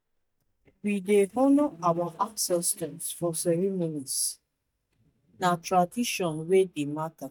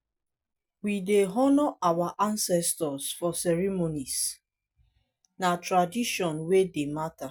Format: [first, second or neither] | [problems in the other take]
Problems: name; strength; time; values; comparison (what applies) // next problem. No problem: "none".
second | noise reduction (neural mask model DeepFilterNet 3)